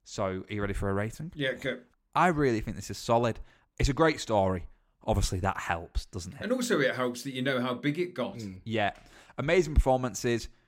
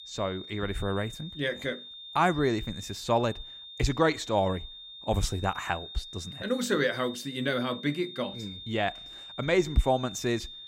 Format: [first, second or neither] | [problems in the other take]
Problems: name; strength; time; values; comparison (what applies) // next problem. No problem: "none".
first | high-pitched whine; noticeable; throughout; 3.5 kHz, 10 dB below the speech